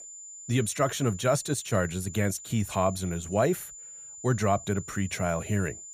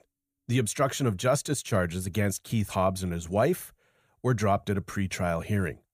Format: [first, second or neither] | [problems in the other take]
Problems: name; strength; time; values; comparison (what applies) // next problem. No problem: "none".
second | high-pitched whine; noticeable; throughout; 7 kHz, 15 dB below the speech